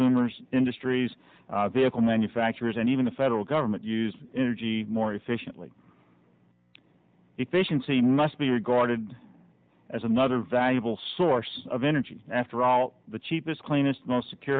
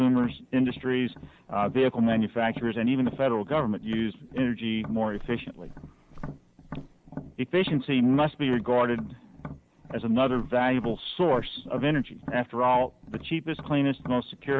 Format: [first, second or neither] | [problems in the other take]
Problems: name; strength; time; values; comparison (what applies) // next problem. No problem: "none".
first | background sound (Walk, footsteps + Tap); 15 dB below the speech